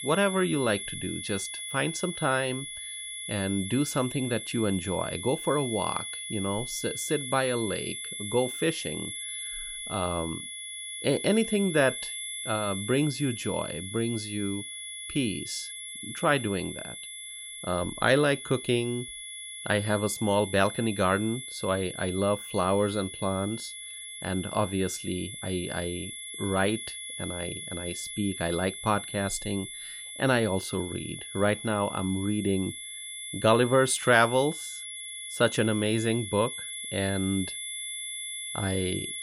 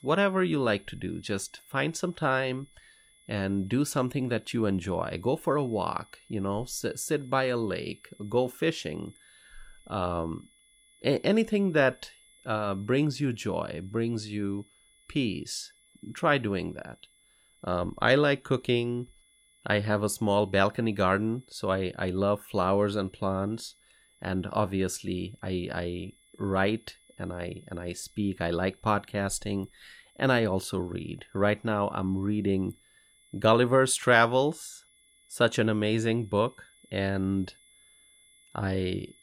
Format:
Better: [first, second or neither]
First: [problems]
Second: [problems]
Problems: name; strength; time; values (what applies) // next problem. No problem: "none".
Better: second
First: high-pitched whine; loud; throughout; 3.5 kHz, 7 dB below the speech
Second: high-pitched whine; faint; throughout; 3.5 kHz, 30 dB below the speech